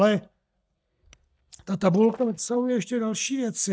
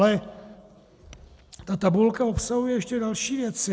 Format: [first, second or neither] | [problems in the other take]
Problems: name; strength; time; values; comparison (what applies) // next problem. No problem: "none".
second | noise reduction (neural mask model DeepFilterNet 3)